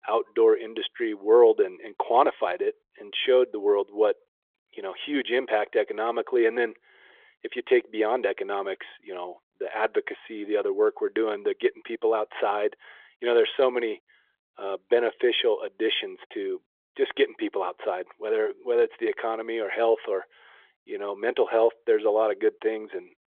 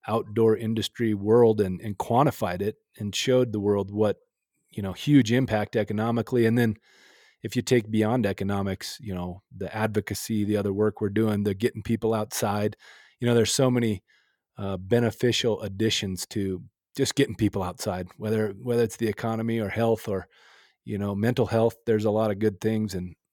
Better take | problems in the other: second | phone-call audio; nothing above 3.5 kHz

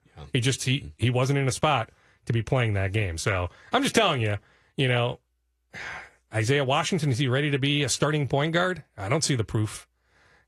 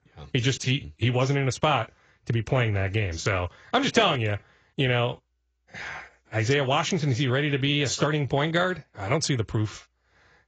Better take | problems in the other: first | garbled, watery; badly; nothing above 7.5 kHz; slightly in the first

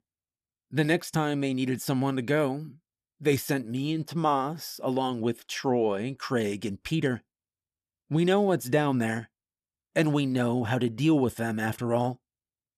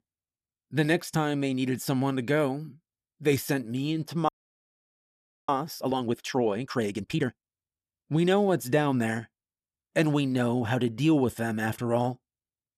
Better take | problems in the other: first | audio freezing; at 4.5 s for 1 s

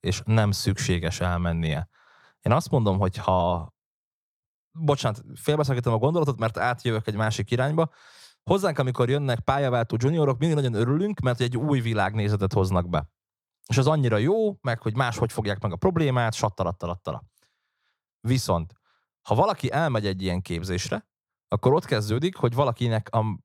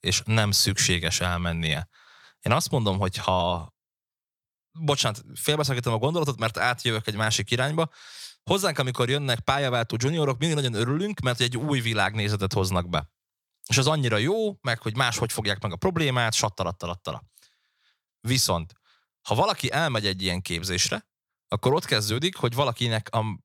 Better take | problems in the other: second | muffled; slightly; fading above 1.5 kHz

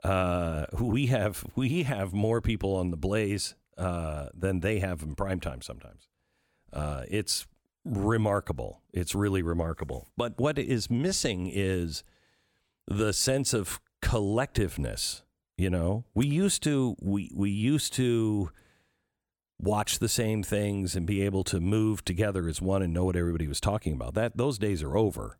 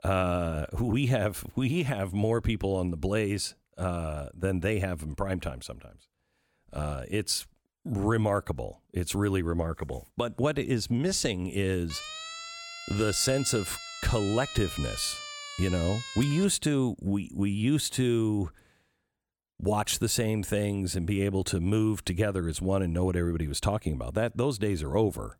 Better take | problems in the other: first | siren; noticeable; from 12 to 16 s; peak 8 dB below the speech

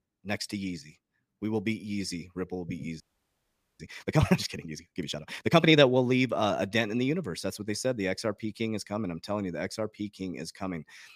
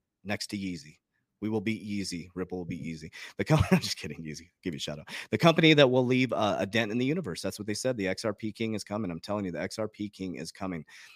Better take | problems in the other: second | audio freezing; at 3 s for 1 s

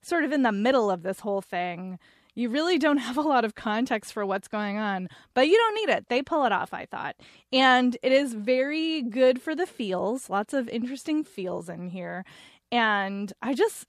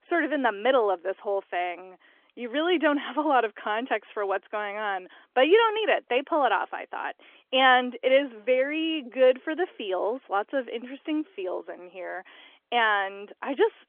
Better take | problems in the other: first | phone-call audio; nothing above 3.5 kHz

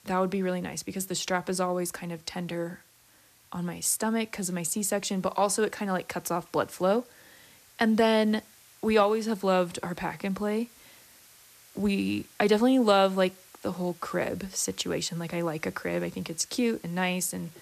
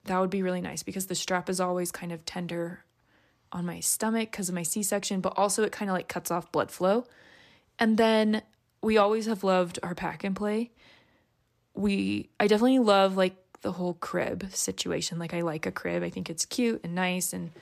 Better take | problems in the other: second | hiss; faint; throughout; 25 dB below the speech

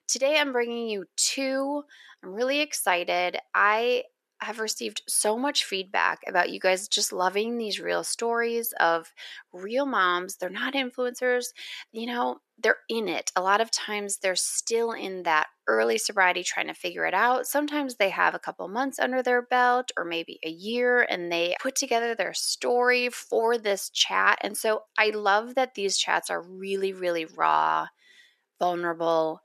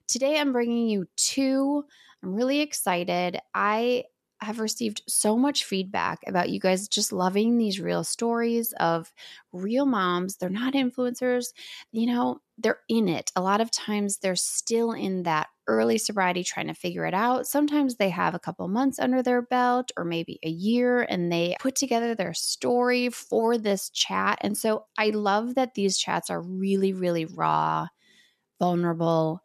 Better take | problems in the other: second | thin; somewhat; fading below 450 Hz

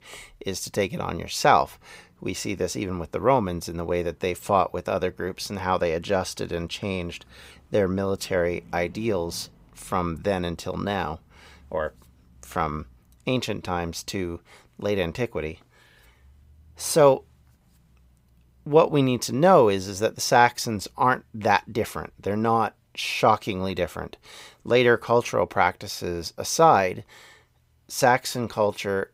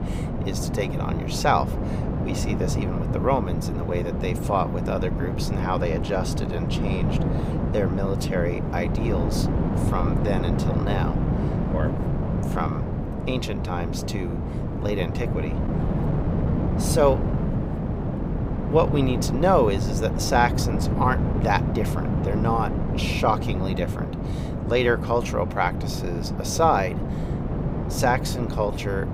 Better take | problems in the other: first | wind noise on the microphone; heavy; 7 dB below the speech

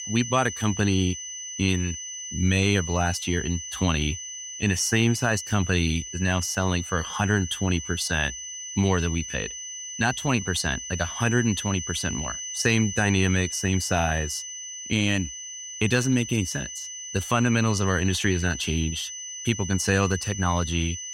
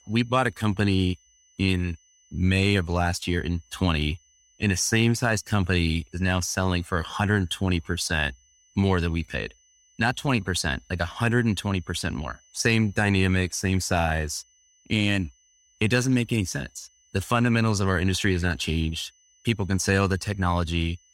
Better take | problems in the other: second | high-pitched whine; loud; throughout; 6 kHz, 8 dB below the speech; faint in the second

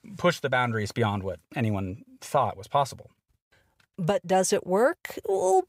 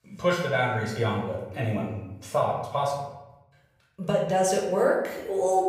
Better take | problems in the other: first | off-mic speech; far // room echo; noticeable; dies away in 0.7 s

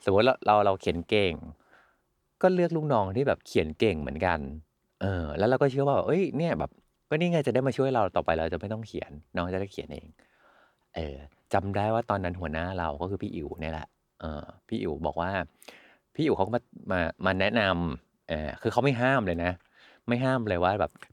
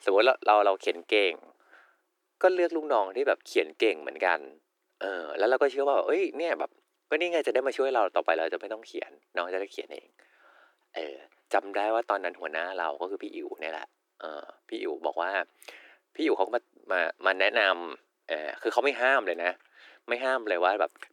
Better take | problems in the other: first | thin; very; fading below 300 Hz

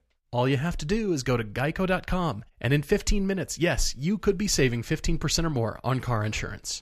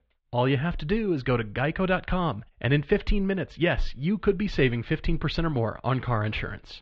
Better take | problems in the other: first | muffled; very; fading above 3.5 kHz

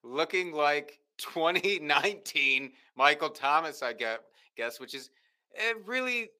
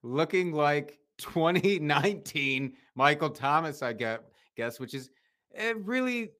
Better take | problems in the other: second | thin; somewhat; fading below 450 Hz

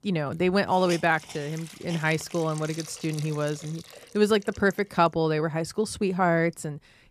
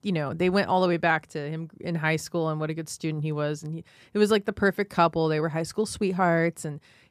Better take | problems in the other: second | hiss; noticeable; throughout; 15 dB below the speech

